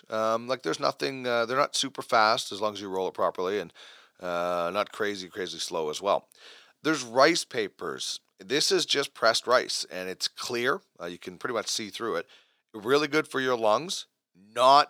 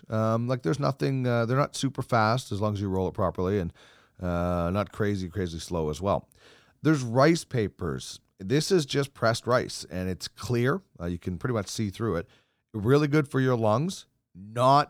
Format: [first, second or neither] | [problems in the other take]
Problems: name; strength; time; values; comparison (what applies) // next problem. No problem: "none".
second | thin; somewhat; fading below 450 Hz